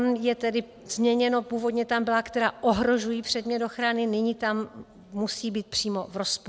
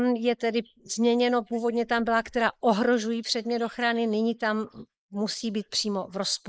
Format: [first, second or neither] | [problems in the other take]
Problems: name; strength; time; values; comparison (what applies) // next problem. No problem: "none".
first | noise reduction (neural mask model Resemble Enhance denoiser)